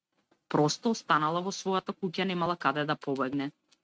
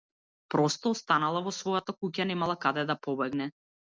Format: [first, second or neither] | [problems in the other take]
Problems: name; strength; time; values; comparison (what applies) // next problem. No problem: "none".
second | noise reduction (neural mask model RNNoise)